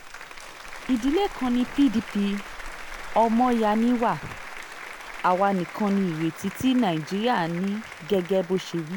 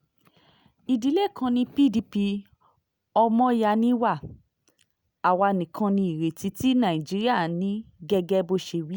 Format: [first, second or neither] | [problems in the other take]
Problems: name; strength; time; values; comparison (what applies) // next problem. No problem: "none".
second | background sound (Rain + Applause); 13 dB below the speech